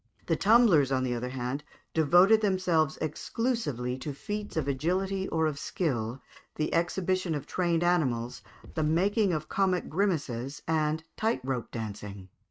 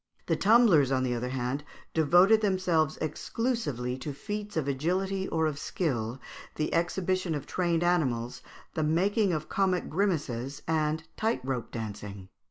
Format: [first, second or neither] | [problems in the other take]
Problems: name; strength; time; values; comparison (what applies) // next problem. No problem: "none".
second | noise reduction (neural mask model RNNoise)